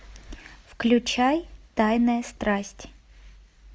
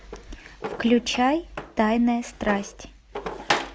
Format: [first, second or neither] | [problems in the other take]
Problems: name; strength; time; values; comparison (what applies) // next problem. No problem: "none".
first | background sound (Drawer open or close); 8 dB below the speech